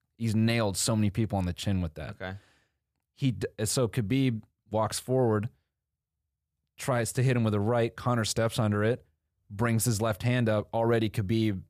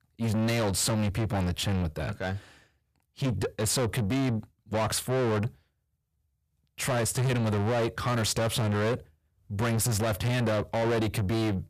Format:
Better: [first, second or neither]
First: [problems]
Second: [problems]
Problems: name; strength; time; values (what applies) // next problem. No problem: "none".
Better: first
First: none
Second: distortion; heavy; 7 dB below the speech